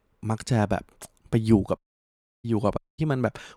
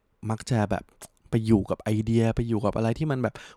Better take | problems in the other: second | audio cutting out; at 2 s for 0.5 s and at 3 s

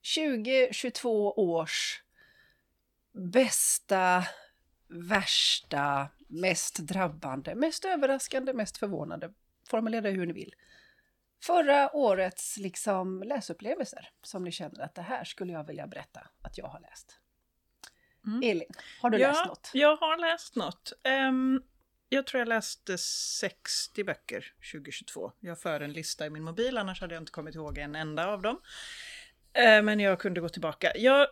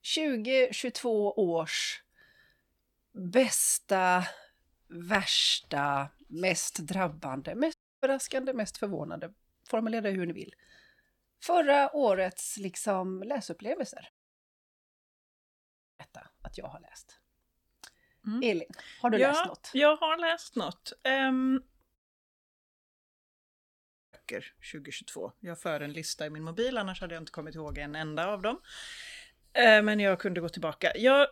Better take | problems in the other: first | audio cutting out; at 7.5 s, at 14 s for 2 s and at 22 s for 2 s

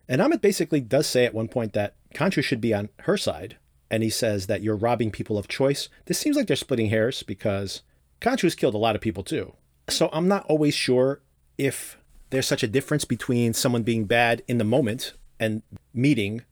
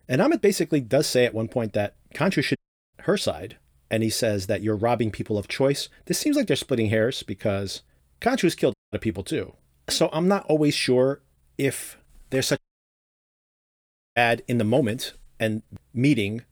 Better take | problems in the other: first | audio cutting out; at 2.5 s, at 8.5 s and at 13 s for 1.5 s

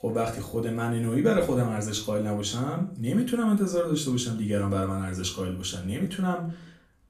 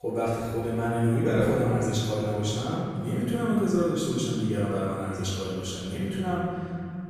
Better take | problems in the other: first | room echo; strong; dies away in 2.6 s; slight in the first // off-mic speech; far; far in the first

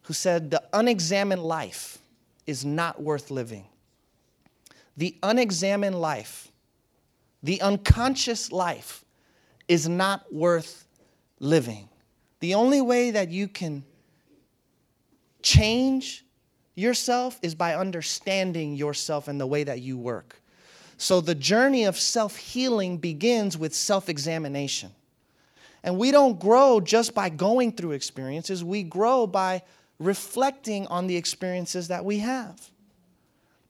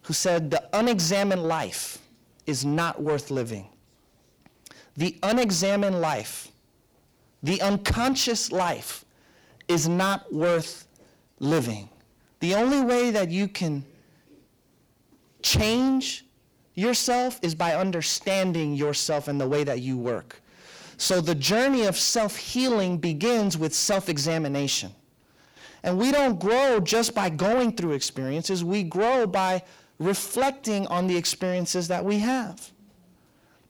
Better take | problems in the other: first | distortion; heavy; 6 dB below the speech

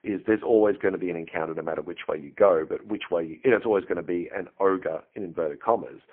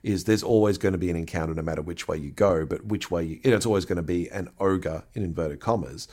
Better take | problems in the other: second | phone-call audio; poor line; nothing above 3 kHz

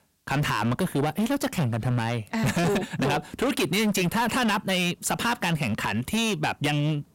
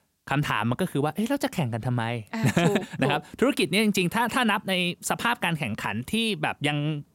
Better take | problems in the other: second | distortion; heavy; 19% of the sound clipped

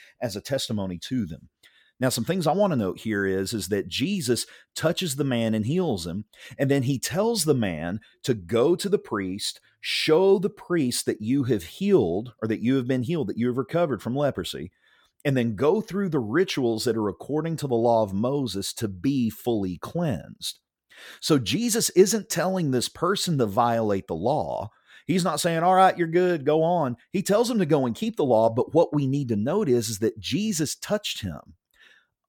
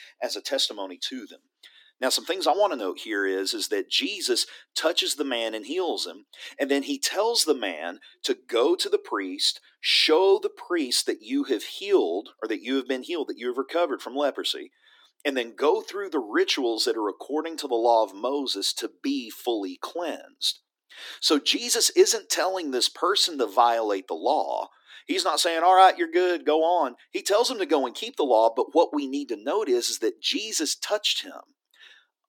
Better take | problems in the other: first | thin; somewhat; fading below 250 Hz

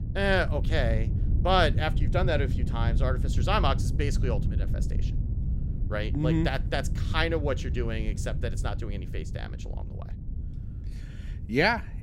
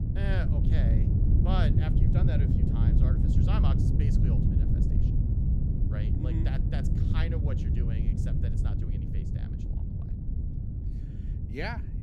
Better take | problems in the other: first | wind noise on the microphone; heavy; 1 dB above the speech; occasional gusts in the first

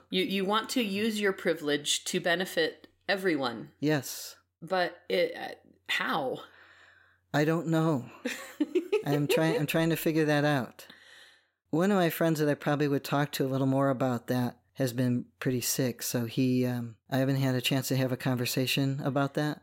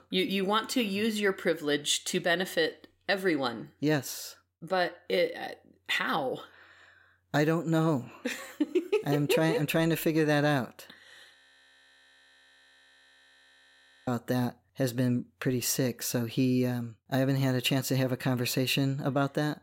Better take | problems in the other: first | audio freezing; at 11 s for 2.5 s

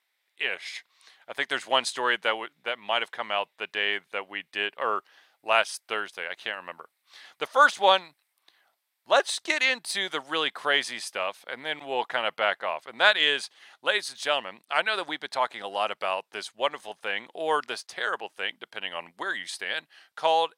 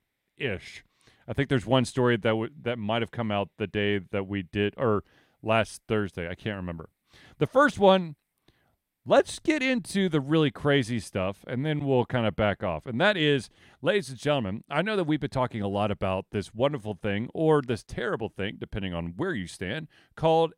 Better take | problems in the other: second | thin; very; fading below 950 Hz

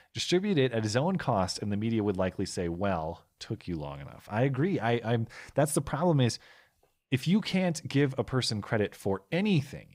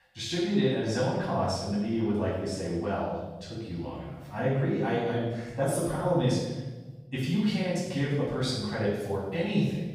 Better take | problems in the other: first | off-mic speech; far // room echo; strong; dies away in 1 s

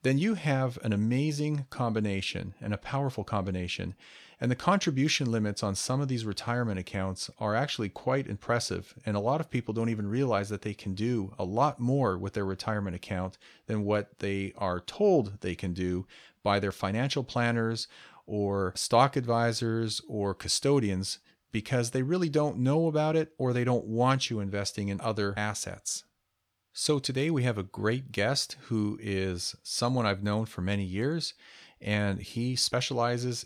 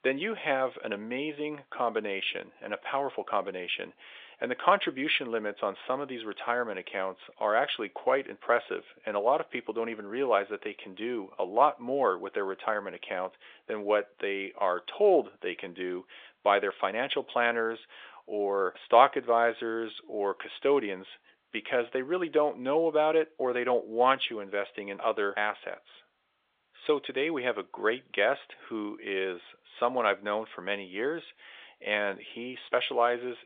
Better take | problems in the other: first | phone-call audio; nothing above 3.5 kHz

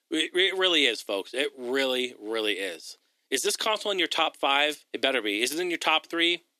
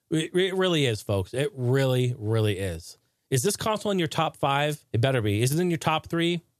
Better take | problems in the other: second | thin; somewhat; fading below 250 Hz

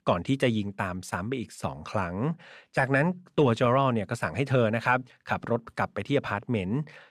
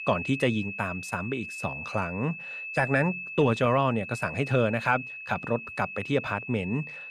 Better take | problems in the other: first | high-pitched whine; loud; throughout; 2.5 kHz, 8 dB below the speech

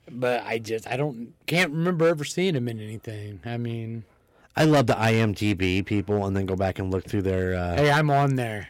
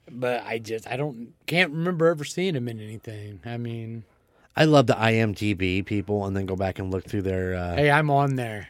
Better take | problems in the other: second | distortion; slight; 4% of the sound clipped

